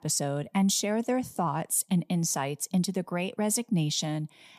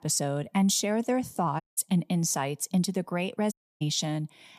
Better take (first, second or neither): first